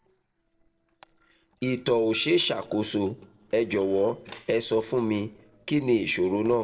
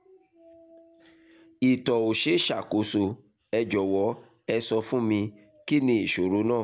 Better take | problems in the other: second | noise reduction (neural separator model SepFormer DNS4)

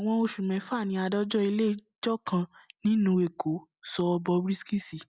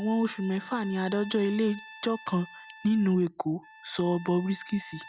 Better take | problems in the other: first | background sound (Trumpet); 19 dB below the speech

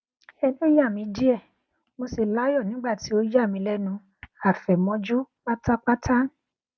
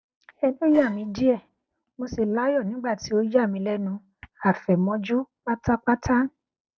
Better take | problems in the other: first | noise reduction (neural separator model SepFormer DNS4)

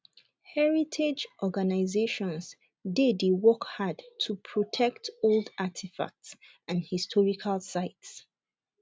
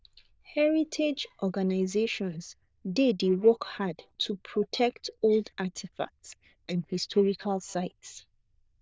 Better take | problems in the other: first | noise reduction (neural diffusion model UNIVERSE++)

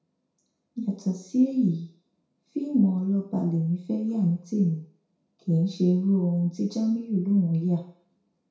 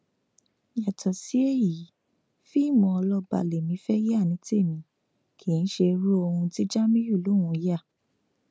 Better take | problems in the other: second | room echo; dies away in 0.6 s

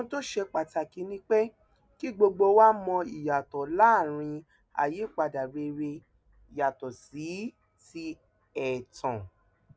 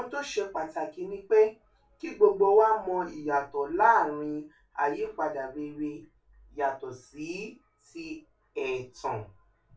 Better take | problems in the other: first | room echo; dies away in 0.2 s

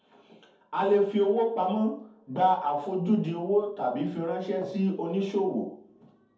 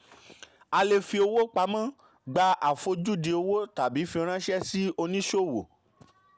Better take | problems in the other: second | room echo; dies away in 0.6 s

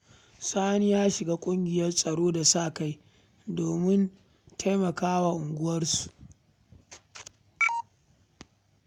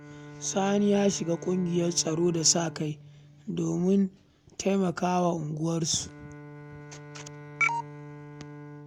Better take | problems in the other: first | background sound (Bowed string instrument); 17 dB below the speech

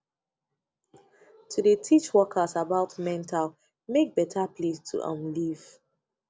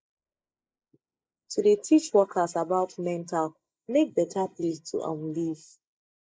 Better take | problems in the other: first | noise reduction (neural mask model Resemble Enhance denoiser)

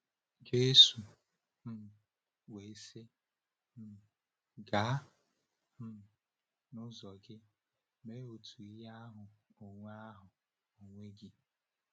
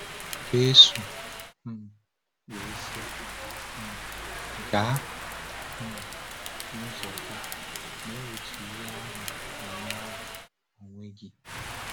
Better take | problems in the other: first | background sound (Rain); 9 dB below the speech

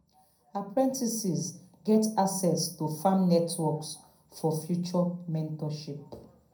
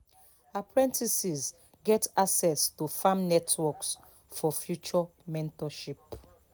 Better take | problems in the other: second | room echo; dies away in 0.5 s

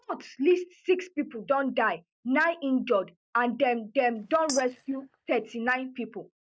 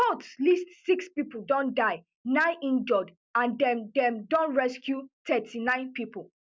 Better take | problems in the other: second | noise reduction (neural mask model DeepFilterNet 3)

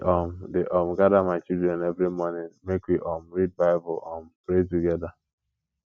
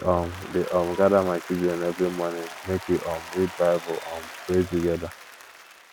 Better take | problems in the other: first | background sound (Applause); 15 dB below the speech

